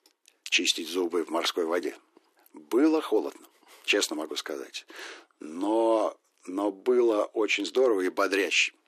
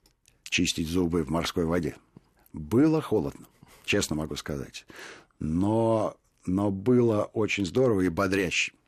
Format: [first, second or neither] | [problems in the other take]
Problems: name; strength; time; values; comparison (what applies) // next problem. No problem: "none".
second | thin; somewhat; fading below 300 Hz